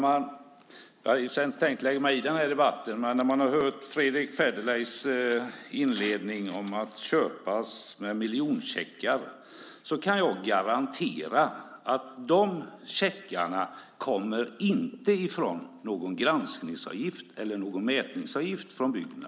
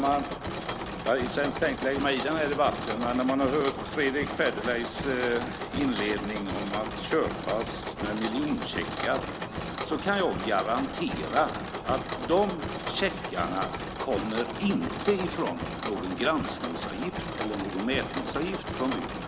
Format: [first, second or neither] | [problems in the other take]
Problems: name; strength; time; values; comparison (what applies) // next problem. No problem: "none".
first | background sound (Mechanisms); 5 dB below the speech